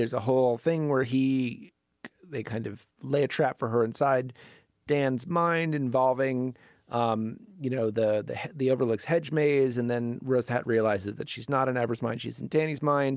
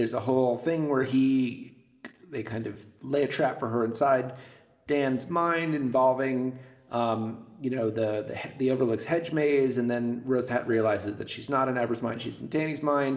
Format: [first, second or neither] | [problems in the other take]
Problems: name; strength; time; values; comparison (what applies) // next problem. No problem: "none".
first | room echo; dies away in 1 s